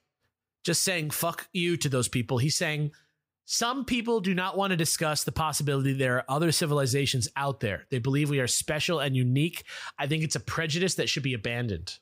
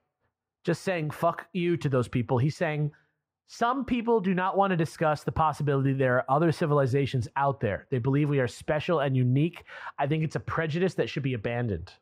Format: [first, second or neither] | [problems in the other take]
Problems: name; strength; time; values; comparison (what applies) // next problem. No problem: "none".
first | muffled; very; fading above 3 kHz